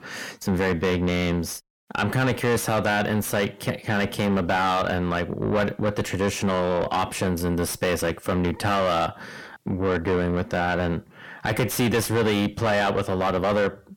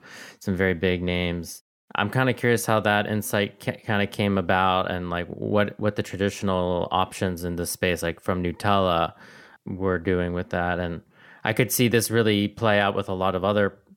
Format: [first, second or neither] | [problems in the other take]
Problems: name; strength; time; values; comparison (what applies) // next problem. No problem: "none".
second | distortion; heavy; 5 dB below the speech